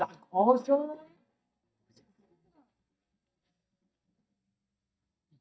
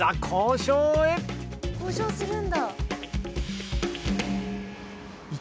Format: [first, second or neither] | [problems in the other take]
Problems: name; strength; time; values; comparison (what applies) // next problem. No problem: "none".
second | noise reduction (neural mask model DeepFilterNet 3)